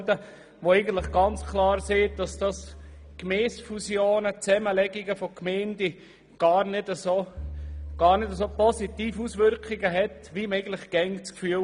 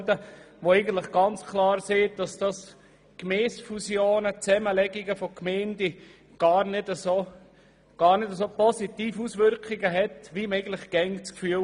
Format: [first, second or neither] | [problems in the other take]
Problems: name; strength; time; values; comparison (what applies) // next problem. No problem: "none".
second | background sound (Bowed string instrument); 13 dB below the speech